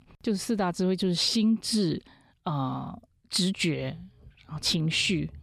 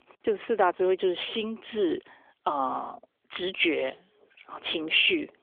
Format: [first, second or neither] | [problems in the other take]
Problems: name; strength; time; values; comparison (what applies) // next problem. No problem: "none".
first | phone-call audio; nothing above 3.5 kHz